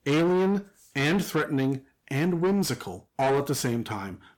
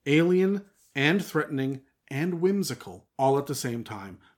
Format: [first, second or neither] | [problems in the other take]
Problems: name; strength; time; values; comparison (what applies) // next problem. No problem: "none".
second | distortion; heavy; 8 dB below the speech